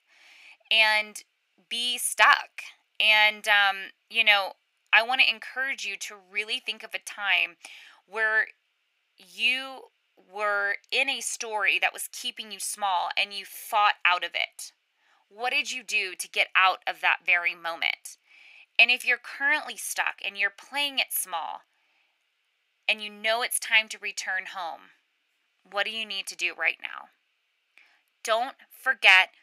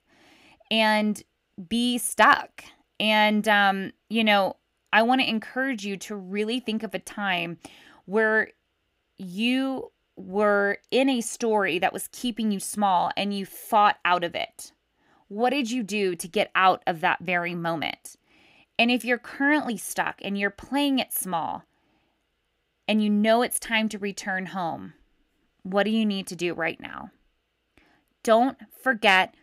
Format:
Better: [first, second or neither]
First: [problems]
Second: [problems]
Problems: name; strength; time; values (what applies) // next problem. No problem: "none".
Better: second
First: thin; very; fading below 900 Hz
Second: none